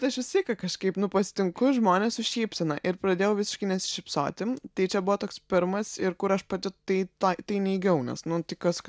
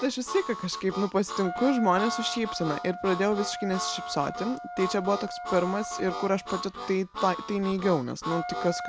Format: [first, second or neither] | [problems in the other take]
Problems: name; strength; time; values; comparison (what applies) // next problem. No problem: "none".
first | background sound (Harmonica + Wind instrument, woodwind instrument); 7 dB below the speech